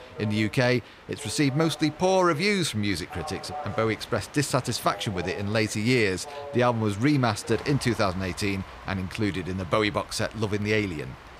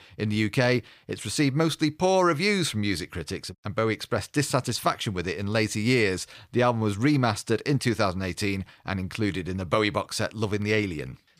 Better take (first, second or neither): second